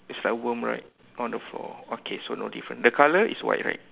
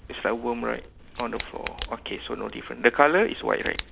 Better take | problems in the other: first | background sound (Tick); 15 dB below the speech

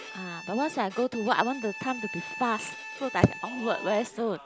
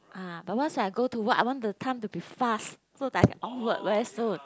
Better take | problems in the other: second | background sound (Bowed string instrument); 12 dB below the speech

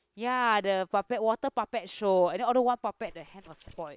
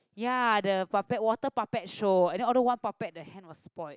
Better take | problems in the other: second | noise reduction (neural separator model SepFormer WHAM!)

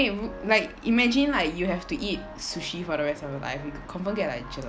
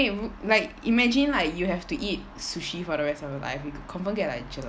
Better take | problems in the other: second | background sound (Organ); 19 dB below the speech

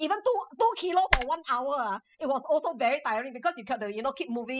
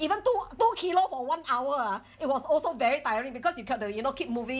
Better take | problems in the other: second | noise reduction (classical method spectral subtraction)

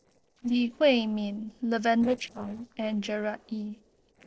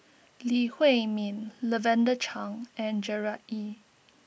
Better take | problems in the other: second | noise reduction (neural separator model SepFormer DNS4)

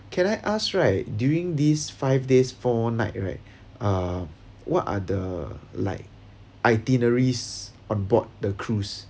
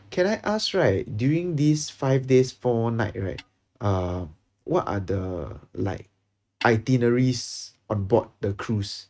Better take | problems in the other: first | noise reduction (neural mask model RNNoise)

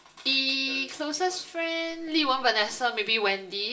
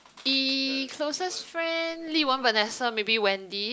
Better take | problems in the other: second | room echo; dies away in 0.4 s

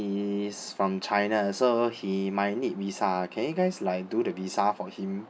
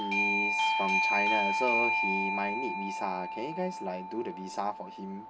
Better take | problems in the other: first | background sound (Doorbell); 5 dB above the speech

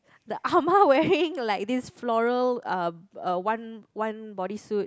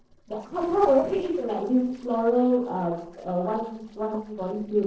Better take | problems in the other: first | noise reduction (neural separator model SepFormer DNS4)

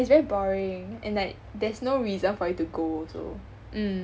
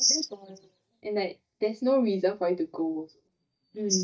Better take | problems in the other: first | noise reduction (neural mask model DeepFilterNet 3)

